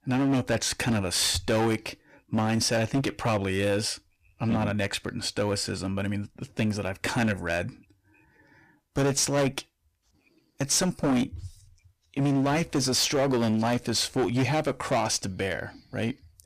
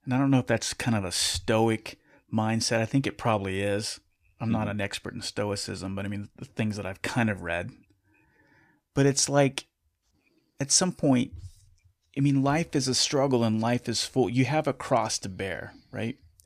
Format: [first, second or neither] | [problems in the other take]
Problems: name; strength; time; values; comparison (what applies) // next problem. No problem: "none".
second | distortion; heavy; 11% of the sound clipped